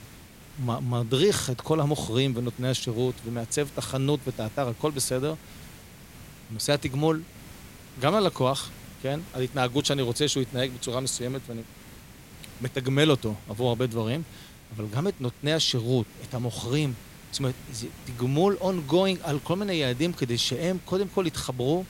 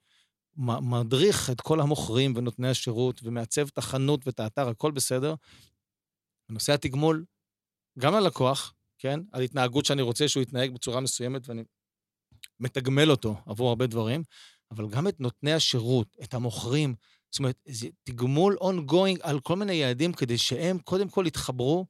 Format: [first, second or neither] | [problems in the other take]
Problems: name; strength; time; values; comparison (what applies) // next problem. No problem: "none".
second | hiss; noticeable; throughout; 20 dB below the speech